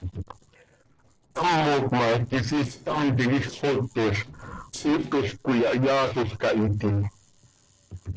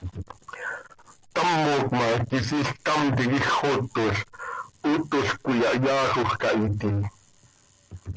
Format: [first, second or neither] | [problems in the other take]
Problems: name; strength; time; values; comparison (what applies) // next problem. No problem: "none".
second | noise reduction (neural separator model SepFormer DNS4)